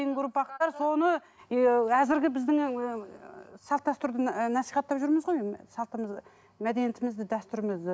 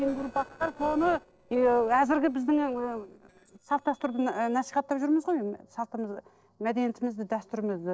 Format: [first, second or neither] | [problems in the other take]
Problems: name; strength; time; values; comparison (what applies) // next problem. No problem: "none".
first | noise reduction (neural separator model SepFormer DNS4)